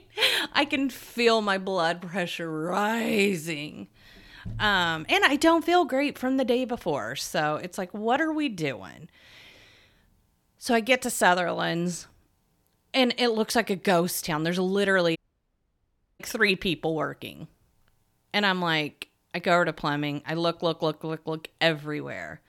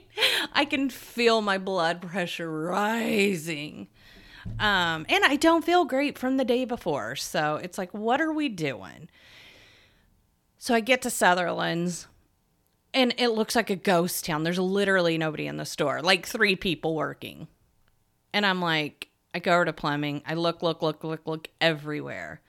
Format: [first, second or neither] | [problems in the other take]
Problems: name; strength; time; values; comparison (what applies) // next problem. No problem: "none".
second | audio cutting out; at 15 s for 1 s